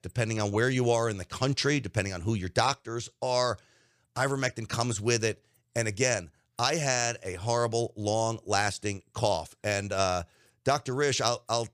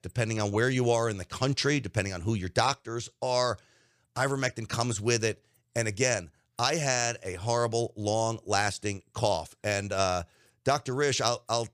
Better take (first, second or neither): neither